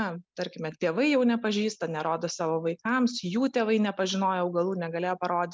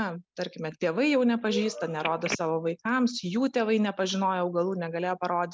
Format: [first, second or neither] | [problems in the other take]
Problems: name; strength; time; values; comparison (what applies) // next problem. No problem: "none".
first | background sound (Telephone); 8 dB below the speech